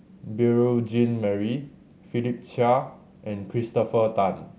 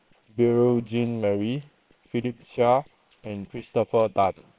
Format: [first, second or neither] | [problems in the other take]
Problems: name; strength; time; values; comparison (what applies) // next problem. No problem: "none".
first | noise reduction (neural separator model SepFormer WHAM!)